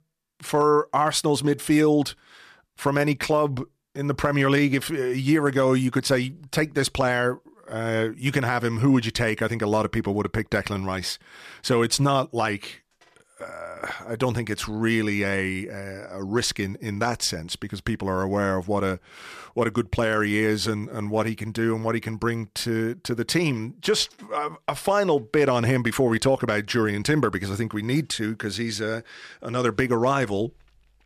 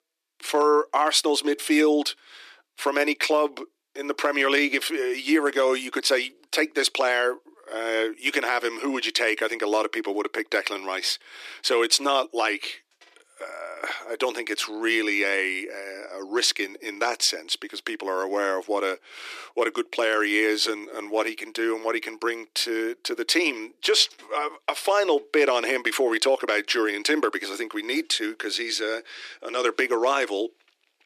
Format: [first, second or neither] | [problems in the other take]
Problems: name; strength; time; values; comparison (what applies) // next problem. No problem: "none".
first | thin; somewhat; fading below 300 Hz